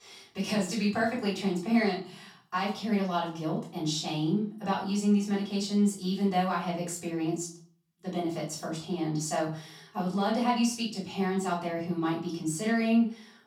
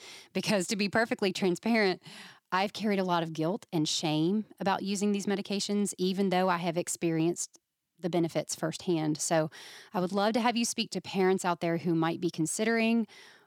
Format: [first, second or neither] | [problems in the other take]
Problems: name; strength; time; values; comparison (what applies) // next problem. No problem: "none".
second | off-mic speech; far // room echo; slight; dies away in 0.4 s